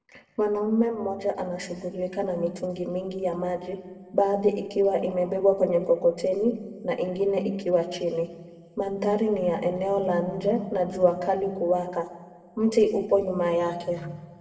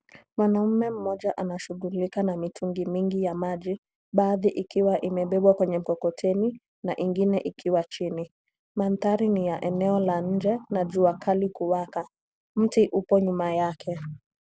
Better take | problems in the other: second | room echo; dies away in 1.2 s

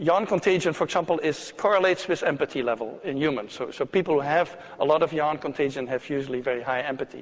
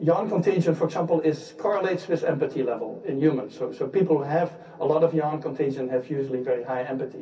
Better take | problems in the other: first | room echo; dies away in 0.3 s

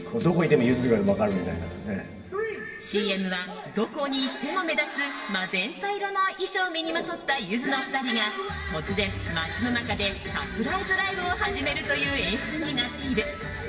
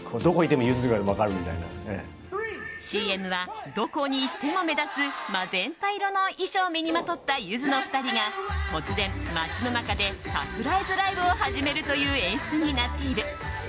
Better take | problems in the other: second | room echo; dies away in 2 s

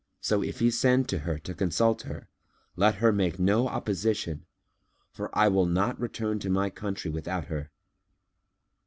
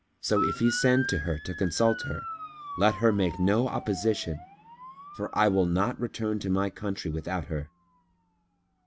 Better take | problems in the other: first | background sound (Motor vehicle (road) / Siren); 12 dB below the speech

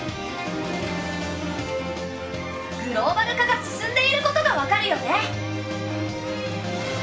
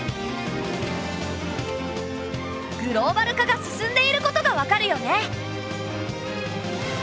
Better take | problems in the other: second | room echo; dies away in 0.3 s

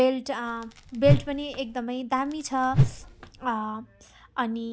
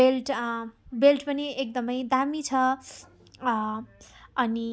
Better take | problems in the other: second | background sound (Whoosh, swoosh, swish); 1 dB above the speech

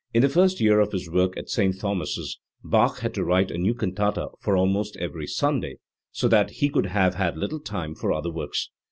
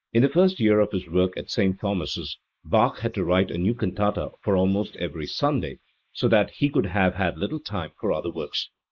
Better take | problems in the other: first | noise reduction (neural mask model Resemble Enhance denoiser)

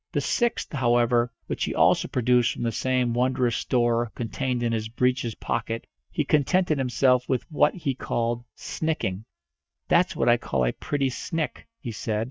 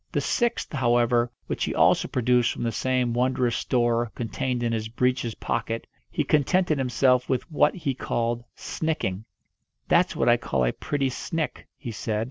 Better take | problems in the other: second | noise reduction (neural mask model DeepFilterNet 3)

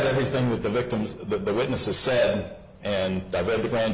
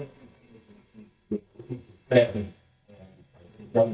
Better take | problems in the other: first | noise reduction (neural mask model DeepFilterNet 3)

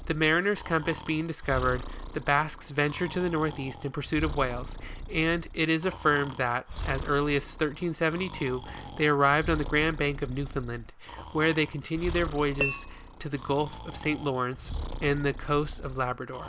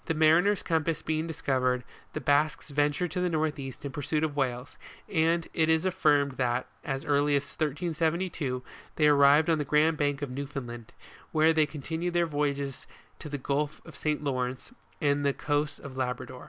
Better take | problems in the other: second | background sound (Tap / Glass + Breathing); 9 dB below the speech

